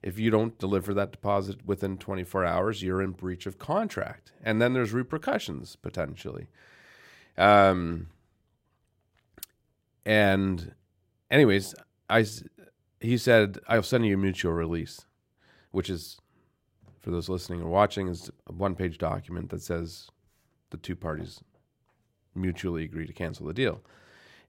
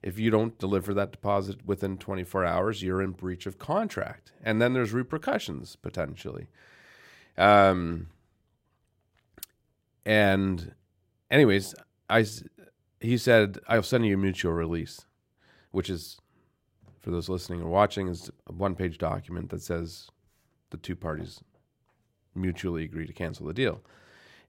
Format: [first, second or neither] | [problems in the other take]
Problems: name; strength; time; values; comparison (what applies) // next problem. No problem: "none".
neither | none